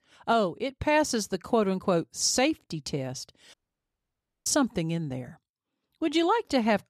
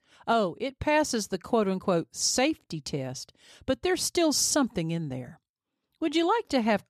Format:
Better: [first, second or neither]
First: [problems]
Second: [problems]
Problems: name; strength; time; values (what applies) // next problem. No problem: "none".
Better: second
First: audio cutting out; at 3.5 s for 1 s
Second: none